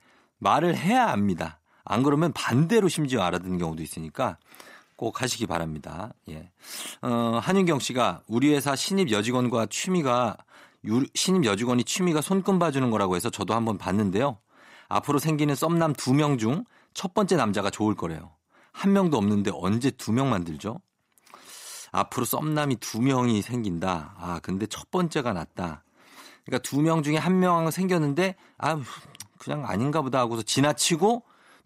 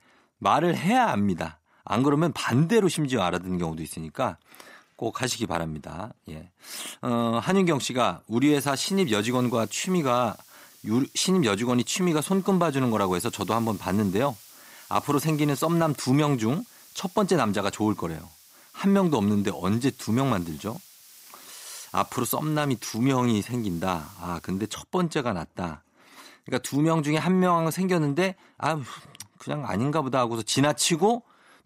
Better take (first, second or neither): first